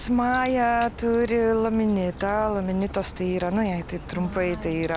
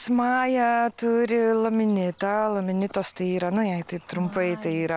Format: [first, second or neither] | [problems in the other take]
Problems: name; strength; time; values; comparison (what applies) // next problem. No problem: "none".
second | background sound (Crack); 14 dB below the speech